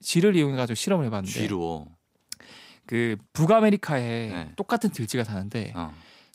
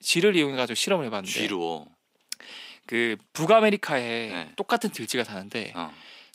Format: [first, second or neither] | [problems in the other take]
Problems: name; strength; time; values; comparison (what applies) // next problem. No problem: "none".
first | thin; very slightly; fading below 300 Hz